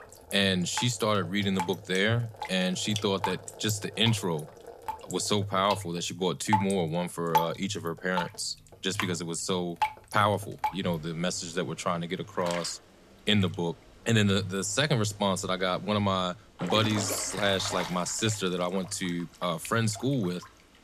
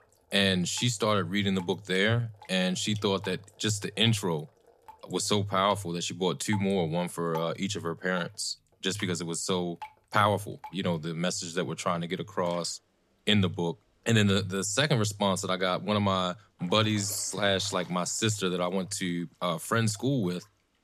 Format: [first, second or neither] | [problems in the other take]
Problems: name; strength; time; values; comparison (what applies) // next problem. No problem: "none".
second | rain or running water; loud; throughout; 8 dB below the speech; faint in the second